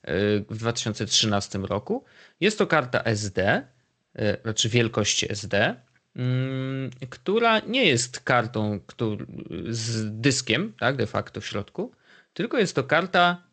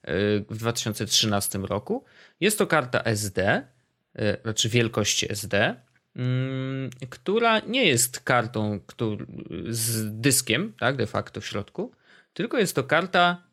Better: second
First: garbled, watery; slightly; nothing above 8 kHz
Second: none

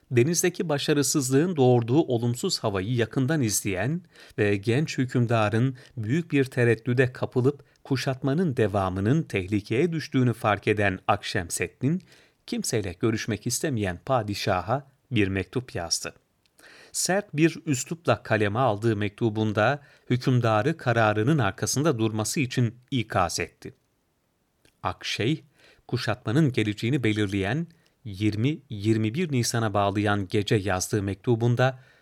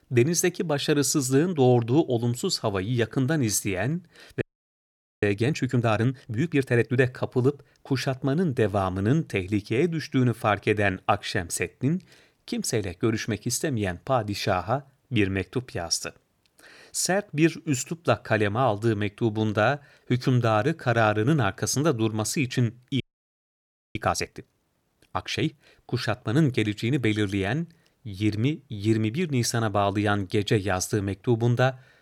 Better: first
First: none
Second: audio freezing; at 4.5 s for 1 s and at 23 s for 1 s

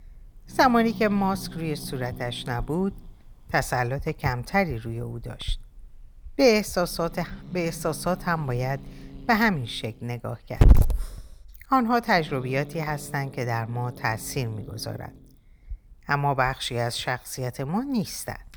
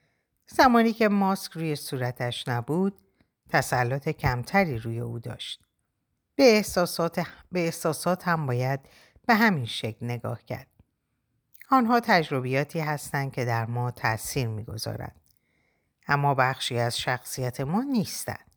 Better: second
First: hiss; loud; throughout; 5 dB below the speech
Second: none

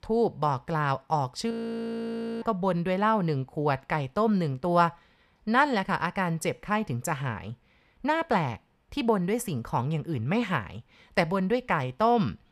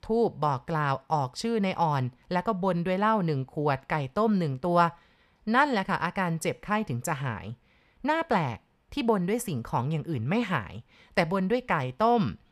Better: second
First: audio freezing; at 1.5 s for 1 s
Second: none

